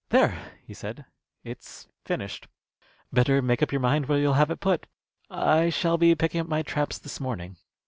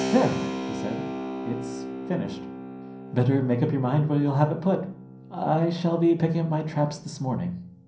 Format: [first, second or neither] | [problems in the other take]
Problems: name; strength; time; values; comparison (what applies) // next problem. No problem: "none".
first | background sound (Keyboard (musical)); 9 dB below the speech // room echo; dies away in 0.6 s